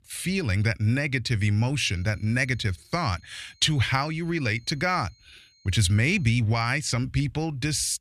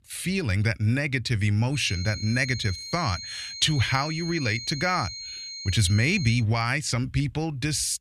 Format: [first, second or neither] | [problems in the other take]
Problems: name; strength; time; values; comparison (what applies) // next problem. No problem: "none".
first | high-pitched whine; loud; from 2 to 6.5 s; 4 kHz, 10 dB below the speech; faint in the first